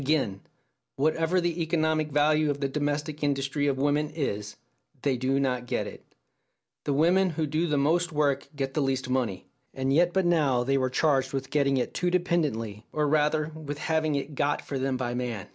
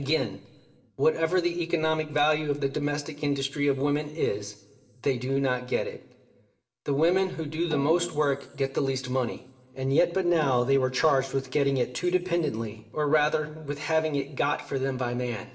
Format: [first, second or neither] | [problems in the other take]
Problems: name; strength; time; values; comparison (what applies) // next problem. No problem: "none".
first | background sound (Snare drum); 19 dB below the speech // room echo; dies away in 1.4 s